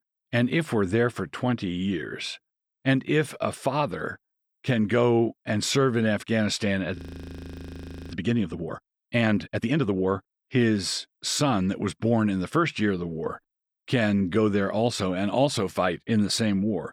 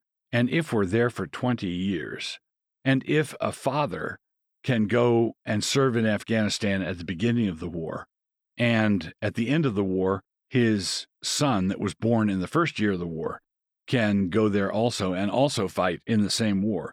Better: second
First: audio freezing; at 7 s for 1 s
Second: none

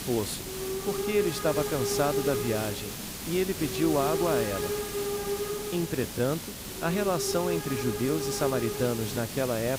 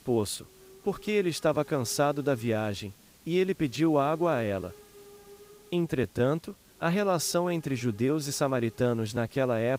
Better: second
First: hiss; loud; throughout; 2 dB below the speech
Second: hiss; faint; throughout; 25 dB below the speech

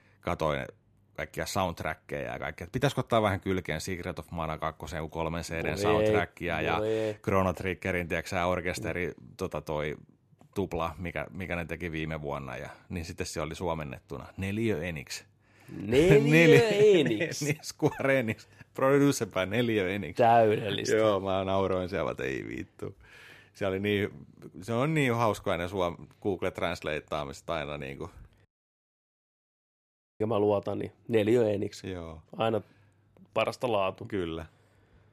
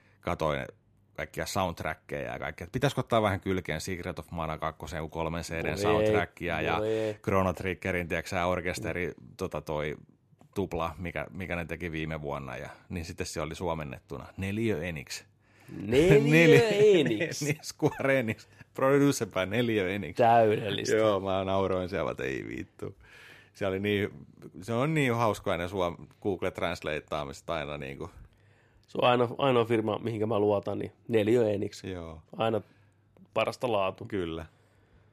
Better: second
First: audio cutting out; at 28 s for 2 s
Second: none

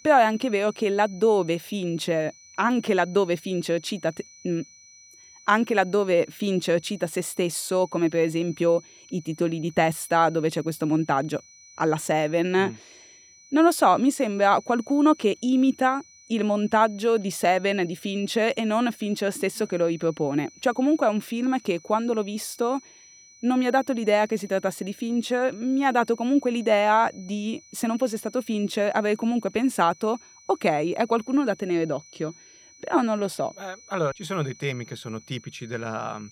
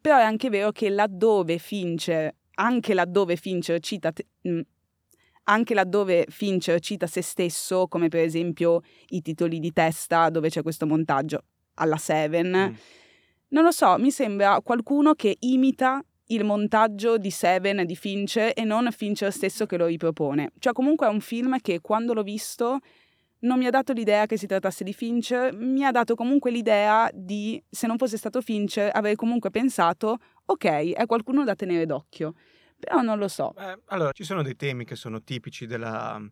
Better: second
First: high-pitched whine; faint; throughout; 6 kHz, 25 dB below the speech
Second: none

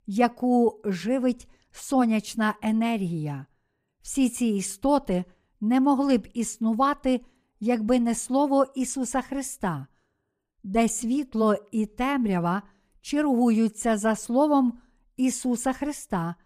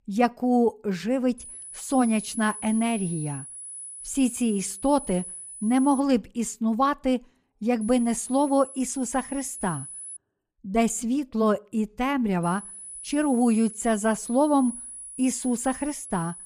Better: first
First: none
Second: high-pitched whine; noticeable; from 1.5 to 6 s, from 8 to 10 s and from 12 s on; 10 kHz, 10 dB below the speech

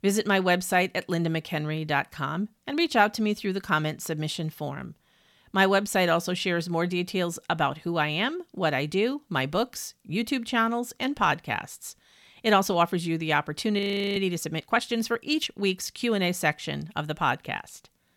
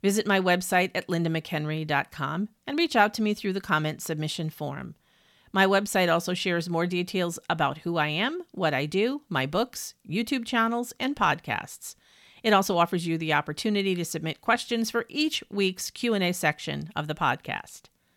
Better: second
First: audio freezing; at 14 s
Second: none

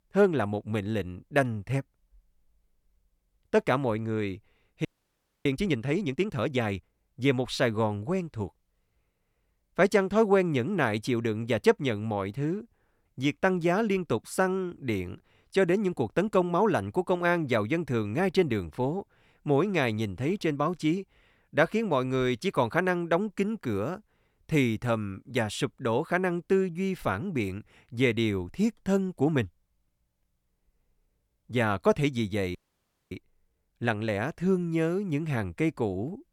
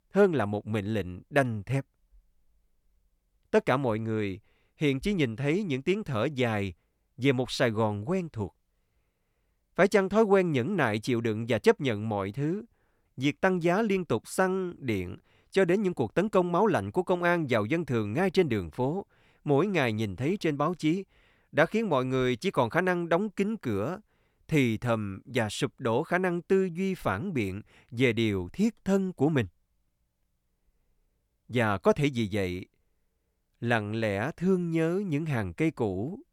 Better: second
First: audio freezing; at 5 s for 0.5 s and at 33 s for 0.5 s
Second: none

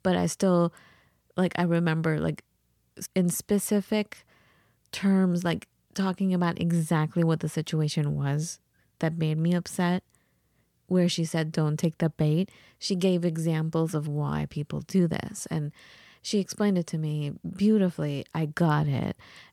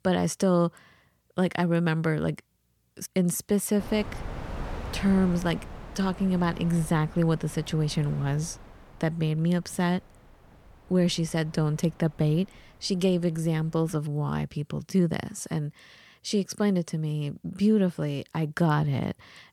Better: first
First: none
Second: wind noise on the microphone; occasional gusts; from 4 to 14 s; 15 dB below the speech

